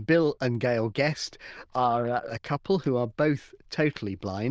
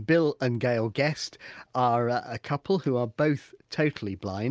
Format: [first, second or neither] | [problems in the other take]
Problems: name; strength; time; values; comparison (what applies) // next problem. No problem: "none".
second | noise reduction (neural diffusion model UNIVERSE++)